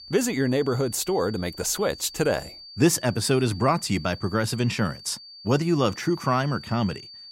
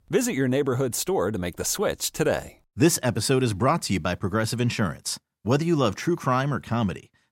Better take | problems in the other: second | high-pitched whine; noticeable; throughout; 4.5 kHz, 15 dB below the speech

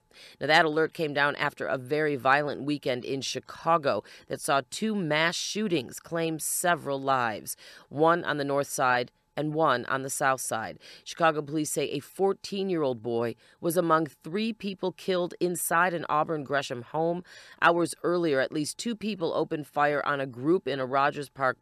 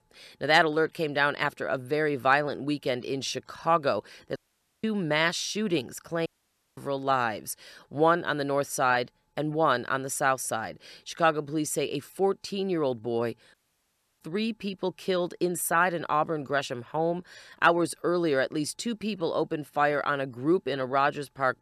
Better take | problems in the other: first | audio cutting out; at 4.5 s, at 6.5 s for 0.5 s and at 14 s for 0.5 s

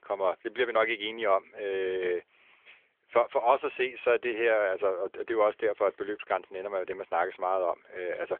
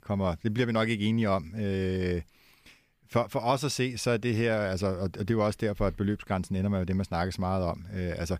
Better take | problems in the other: second | phone-call audio; nothing above 3.5 kHz

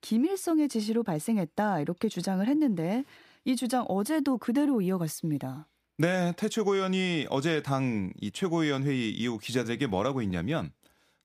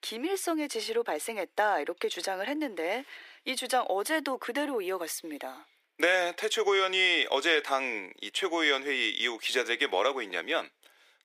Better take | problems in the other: first | thin; very; fading below 400 Hz

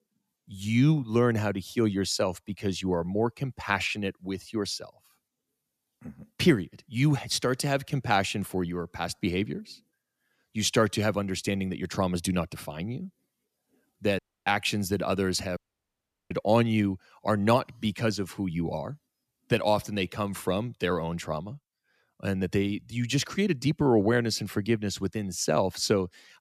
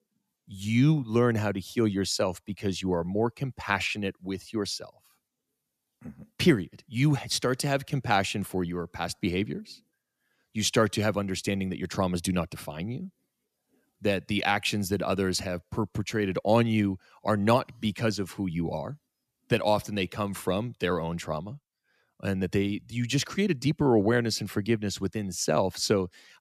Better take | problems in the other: second | audio cutting out; at 14 s and at 16 s for 0.5 s

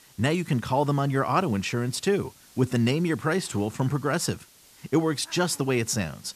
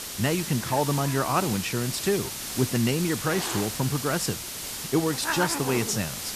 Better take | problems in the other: first | hiss; loud; throughout; 4 dB below the speech; faint in the first

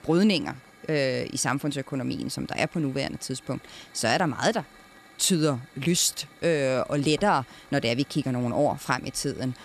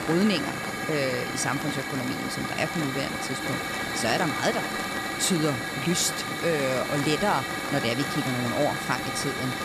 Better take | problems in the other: first | hiss; loud; throughout; 2 dB below the speech; faint in the first

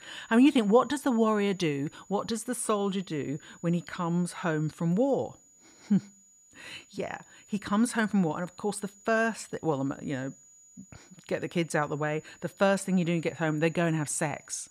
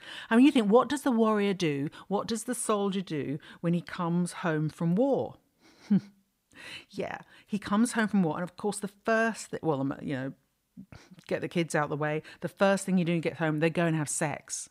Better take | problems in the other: second | high-pitched whine; faint; throughout; 7 kHz, 25 dB below the speech

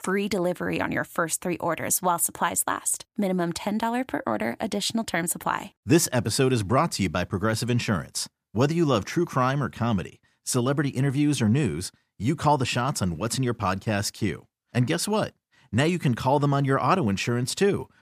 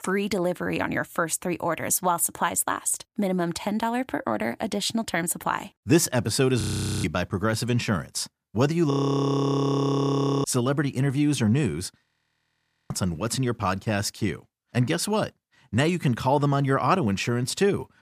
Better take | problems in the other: first | audio freezing; at 6.5 s, at 9 s for 1.5 s and at 12 s for 1 s

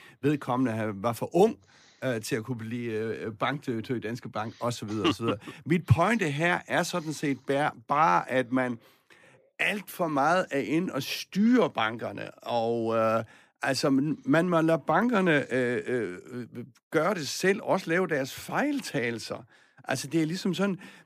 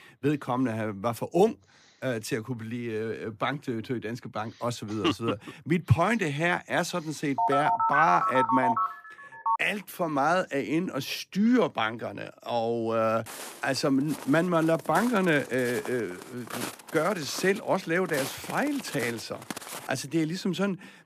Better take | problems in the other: first | phone ringing; loud; from 7.5 to 9.5 s; peak 3 dB above the speech // footsteps; noticeable; from 13 to 20 s; peak 7 dB below the speech

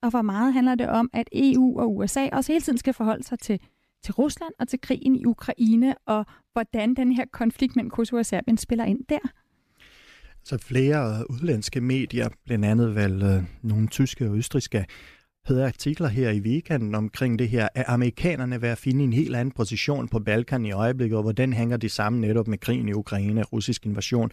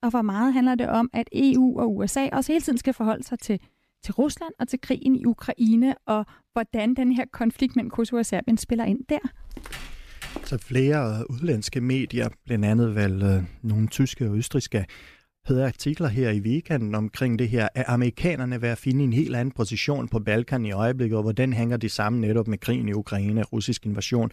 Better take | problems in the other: first | footsteps; faint; from 9.5 to 11 s; peak 15 dB below the speech

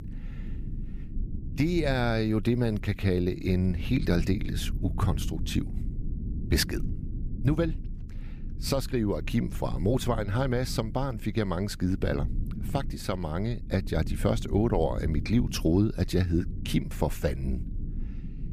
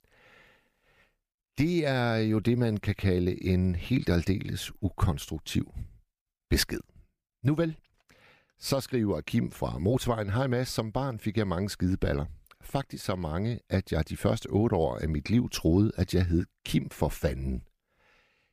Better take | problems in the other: second | low rumble; noticeable; throughout; 15 dB below the speech

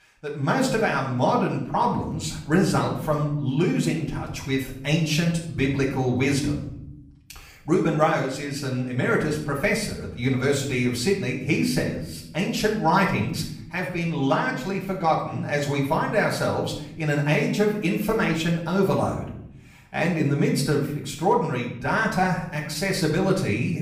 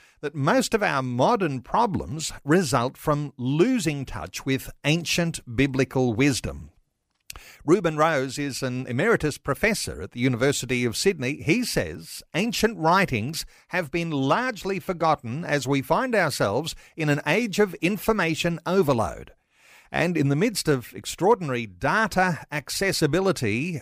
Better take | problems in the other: second | off-mic speech; far // room echo; noticeable; dies away in 0.8 s

